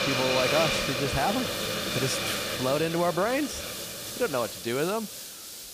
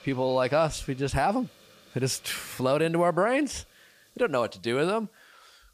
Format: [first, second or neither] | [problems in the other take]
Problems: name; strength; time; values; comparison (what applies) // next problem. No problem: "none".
second | hiss; loud; throughout; 1 dB below the speech; faint in the second